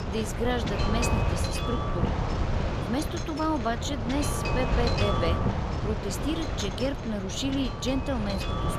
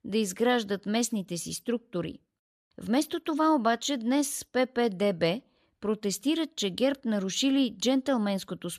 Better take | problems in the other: second | wind noise on the microphone; heavy; as loud as the speech

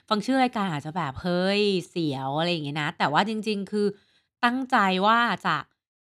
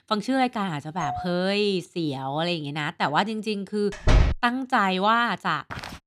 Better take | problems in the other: first | doorbell; noticeable; at 1 s; peak 7 dB below the speech // door banging; loud; at 4 s; peak 3 dB above the speech // footsteps; faint; at 5.5 s; peak 10 dB below the speech

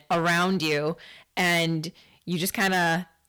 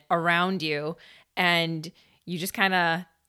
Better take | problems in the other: second | distortion; heavy; 10% of the sound clipped

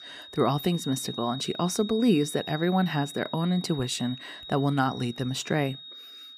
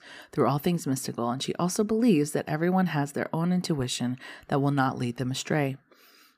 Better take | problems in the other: second | high-pitched whine; noticeable; throughout; 4 kHz, 10 dB below the speech

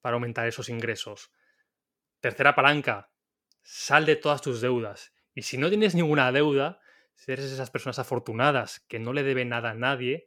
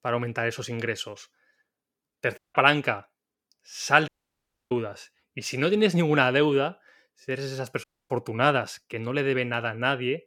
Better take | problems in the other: first | audio cutting out; at 2.5 s, at 4 s for 0.5 s and at 8 s

